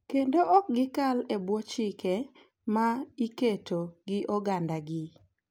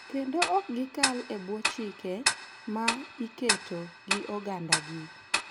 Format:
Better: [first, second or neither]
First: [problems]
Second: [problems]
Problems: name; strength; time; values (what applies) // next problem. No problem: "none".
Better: first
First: none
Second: background sound (Tick-tock); 1 dB above the speech